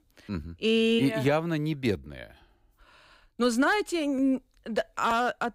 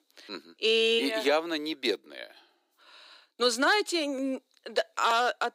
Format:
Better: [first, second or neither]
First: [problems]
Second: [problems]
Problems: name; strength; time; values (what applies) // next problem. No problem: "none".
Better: first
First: none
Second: thin; somewhat; fading below 300 Hz